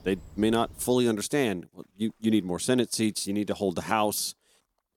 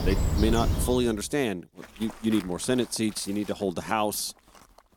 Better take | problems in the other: first | animal sounds; loud; throughout; 3 dB below the speech; faint in the first

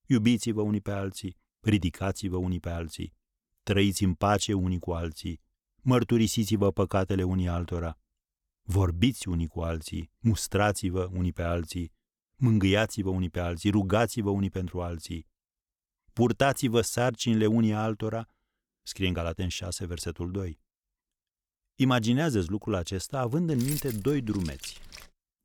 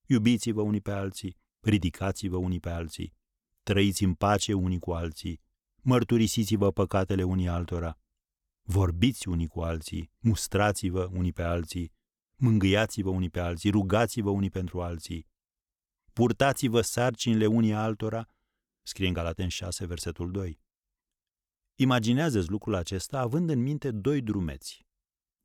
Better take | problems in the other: second | jangling keys; noticeable; from 24 s on; peak 7 dB below the speech

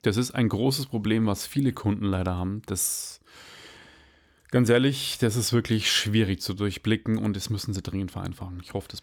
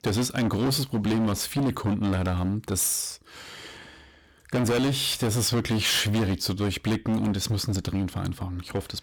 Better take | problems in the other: first | distortion; heavy; 19% of the sound clipped

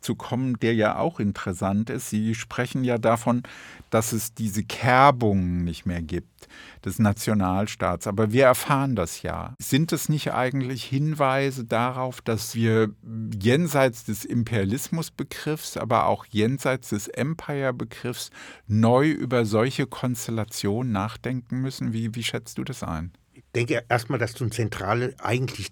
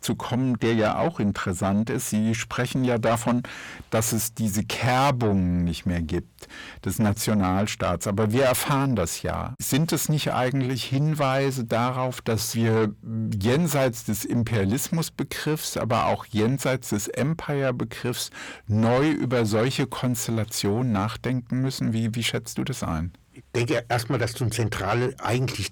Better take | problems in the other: first | distortion; heavy; 8 dB below the speech

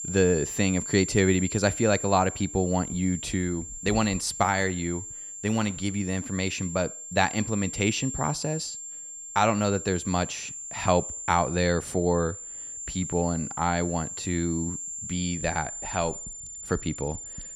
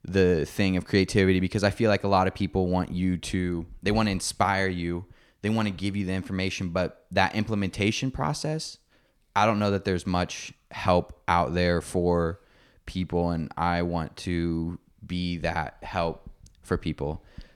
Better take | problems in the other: second | high-pitched whine; loud; throughout; 7.5 kHz, 8 dB below the speech

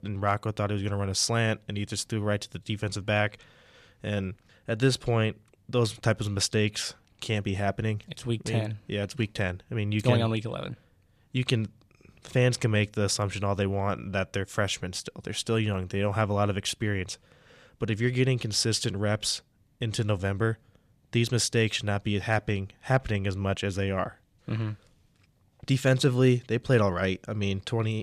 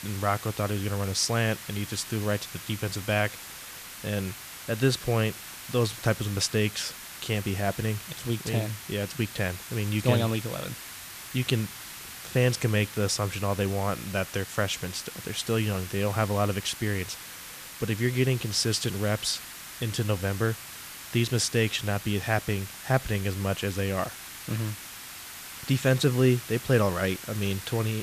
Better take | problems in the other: first | hiss; noticeable; throughout; 10 dB below the speech

